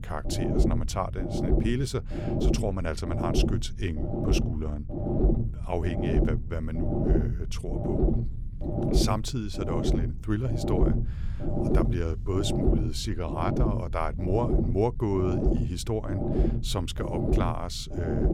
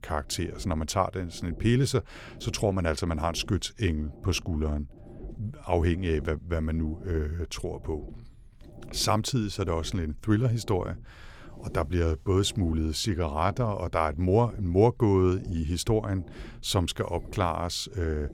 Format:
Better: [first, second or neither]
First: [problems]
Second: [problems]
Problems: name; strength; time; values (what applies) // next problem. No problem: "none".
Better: second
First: low rumble; loud; throughout; 1 dB below the speech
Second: low rumble; faint; throughout; 25 dB below the speech